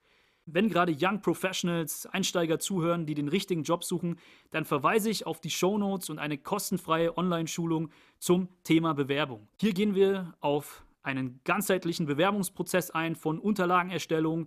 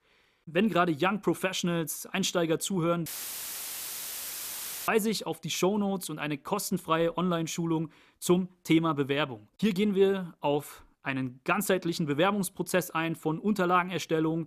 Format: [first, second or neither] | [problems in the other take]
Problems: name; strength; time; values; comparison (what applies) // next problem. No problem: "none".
first | audio cutting out; filled with static; at 3 s for 2 s